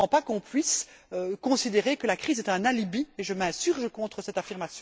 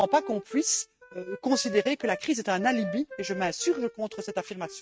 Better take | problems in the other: first | noise reduction (neural mask model RNNoise)

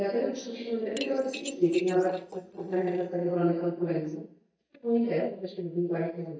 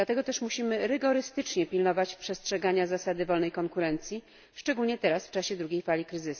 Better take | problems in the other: second | noise reduction (neural mask model DeepFilterNet 3)

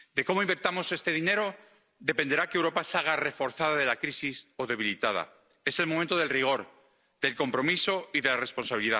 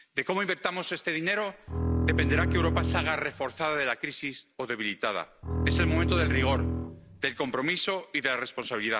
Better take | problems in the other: first | background sound (Bowed string instrument); 2 dB above the speech

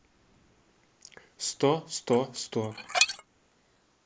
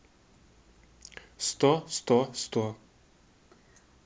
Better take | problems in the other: second | noise reduction (neural mask model Resemble Enhance denoiser)

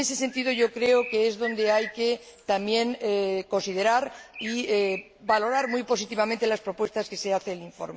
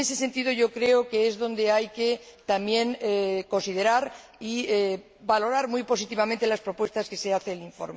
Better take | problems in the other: second | background sound (Bird); 14 dB below the speech

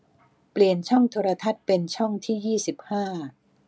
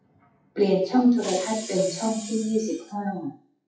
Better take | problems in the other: first | noise reduction (classical method WPE with log-MMSE)

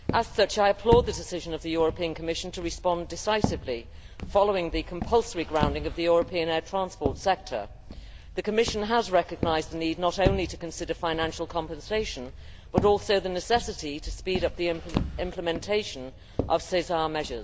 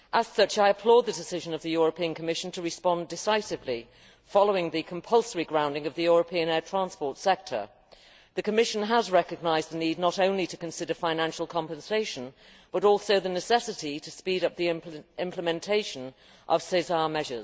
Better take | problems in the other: second | background sound (Walk, footsteps); 8 dB below the speech

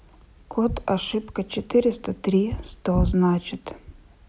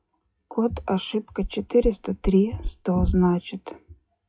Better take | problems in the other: first | noise reduction (classical method WPE with log-MMSE)

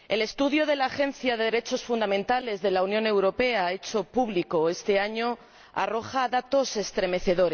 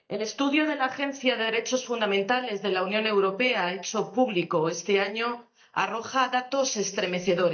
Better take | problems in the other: first | noise reduction (neural mask model DeepFilterNet 3)

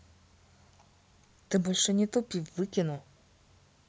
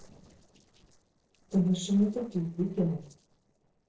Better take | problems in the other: first | noise reduction (neural separator model SepFormer DNS4)

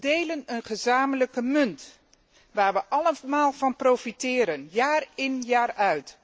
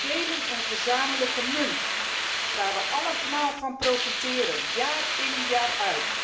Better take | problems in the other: first | background sound (Hiss); 2 dB above the speech // room echo; dies away in 0.7 s

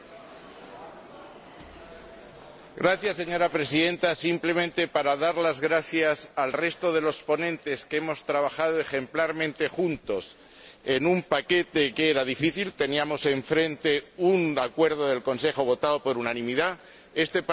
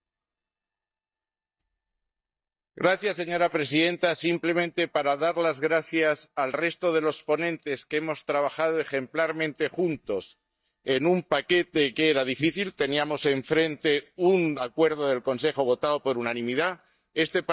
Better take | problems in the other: first | noise reduction (neural mask model DeepFilterNet 3)

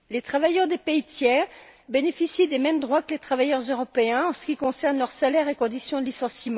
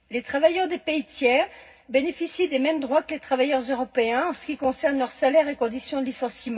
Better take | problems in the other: first | room echo; dies away in 0.4 s

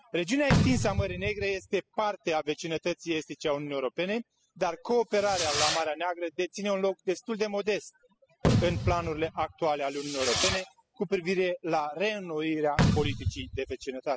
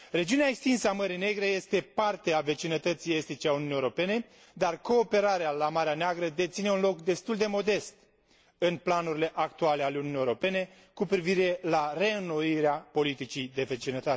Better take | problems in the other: second | noise reduction (classical method spectral subtraction)

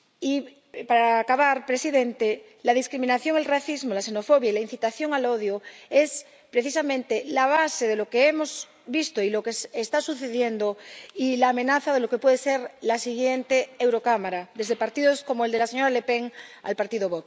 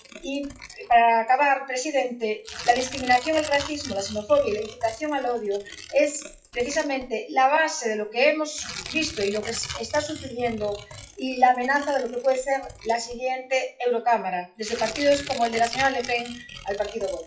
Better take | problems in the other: first | noise reduction (classical method WPE with log-MMSE)

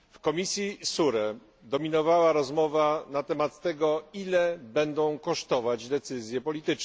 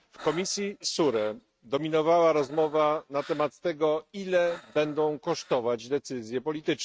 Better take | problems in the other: first | noise reduction (neural mask model RNNoise)

